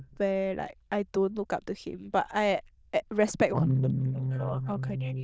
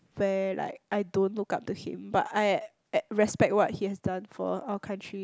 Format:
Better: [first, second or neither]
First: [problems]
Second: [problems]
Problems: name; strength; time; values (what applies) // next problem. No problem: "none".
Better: second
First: noise reduction (neural diffusion model UNIVERSE++)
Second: none